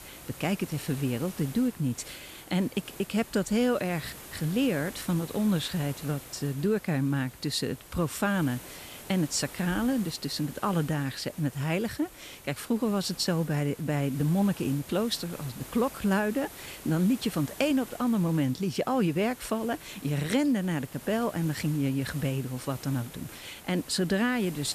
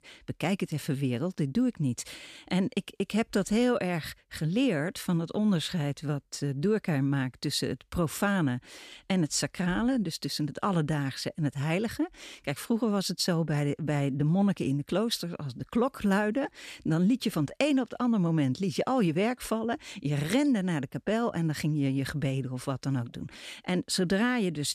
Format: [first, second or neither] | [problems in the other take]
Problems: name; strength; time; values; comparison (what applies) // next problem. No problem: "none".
second | hiss; noticeable; throughout; 15 dB below the speech